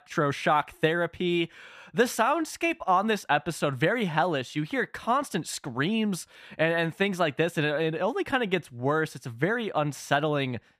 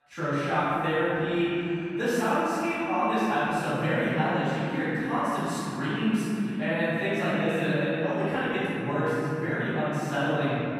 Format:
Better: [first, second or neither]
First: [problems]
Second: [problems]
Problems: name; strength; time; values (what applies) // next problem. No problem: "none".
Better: first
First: none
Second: off-mic speech; far // room echo; strong; dies away in 3 s